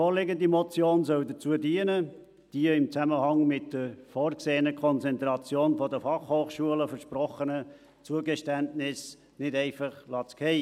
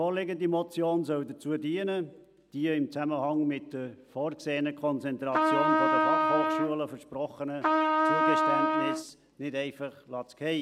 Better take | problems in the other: first | background sound (Trumpet); 5 dB above the speech

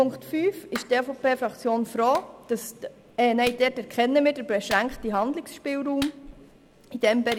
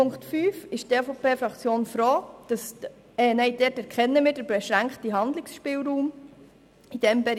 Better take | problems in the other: second | background sound (Clapping); 19 dB below the speech

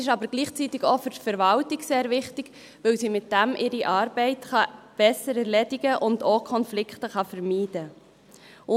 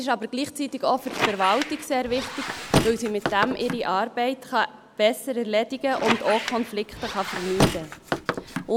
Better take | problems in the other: first | background sound (Squeak); 3 dB below the speech

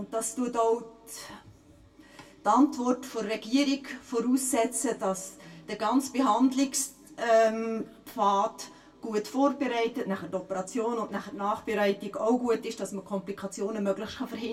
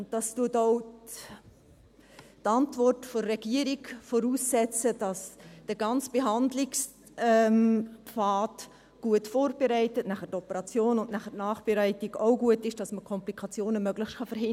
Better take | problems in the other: second | room echo; dies away in 0.2 s

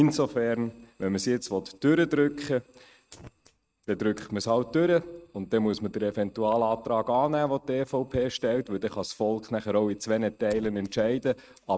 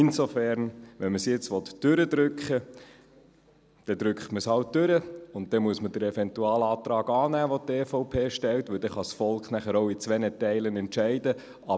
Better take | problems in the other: second | noise reduction (neural mask model RNNoise)

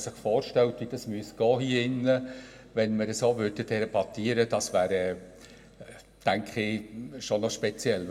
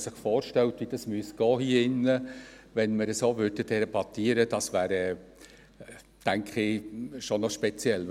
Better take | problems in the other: second | room echo; dies away in 2.1 s

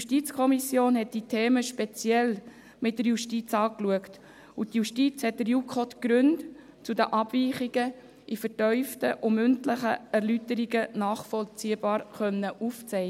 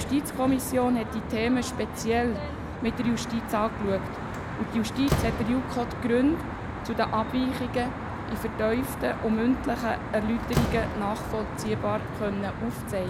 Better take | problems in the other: first | background sound (Traffic noise, roadway noise + Slam); 4 dB below the speech

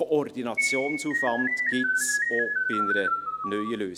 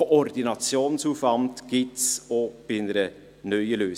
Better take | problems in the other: second | background sound (Keyboard (musical)); 2 dB above the speech

